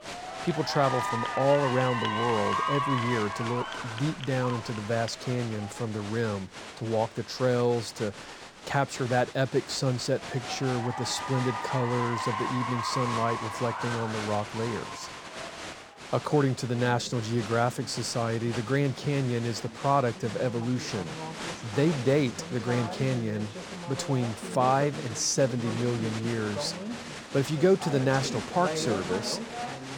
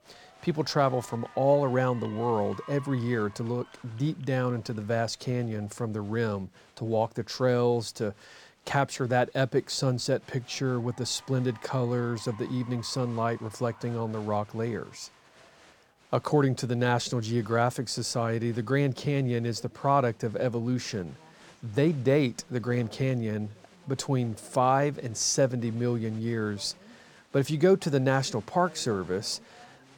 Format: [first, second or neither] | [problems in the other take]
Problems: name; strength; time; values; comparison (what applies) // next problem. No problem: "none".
second | crowd noise; loud; throughout; 6 dB below the speech; faint in the second